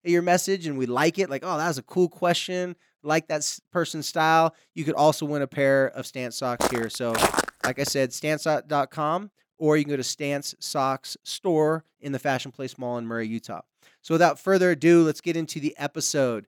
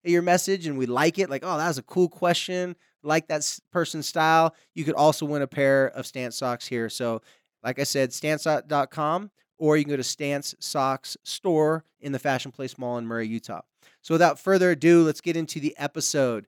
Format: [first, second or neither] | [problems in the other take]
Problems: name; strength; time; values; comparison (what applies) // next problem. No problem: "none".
second | footsteps; loud; from 6.5 to 8 s; peak 2 dB above the speech